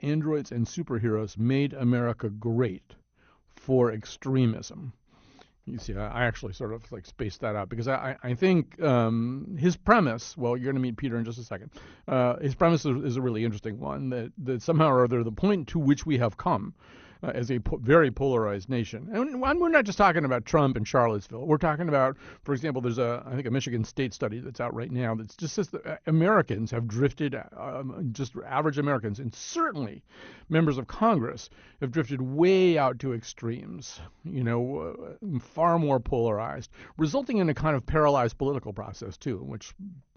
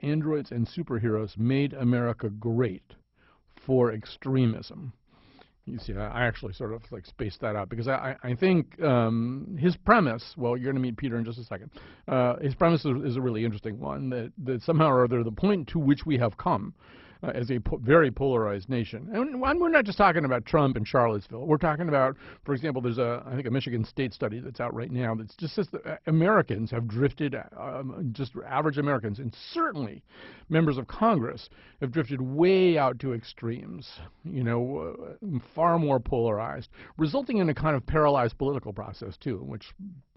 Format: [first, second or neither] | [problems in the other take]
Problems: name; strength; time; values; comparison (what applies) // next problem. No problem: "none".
first | garbled, watery; badly; nothing above 5.5 kHz; slightly in the first